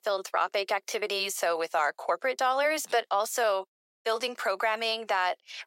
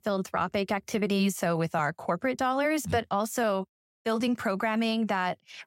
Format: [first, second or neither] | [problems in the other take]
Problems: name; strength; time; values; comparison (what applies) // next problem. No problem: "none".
second | thin; very; fading below 450 Hz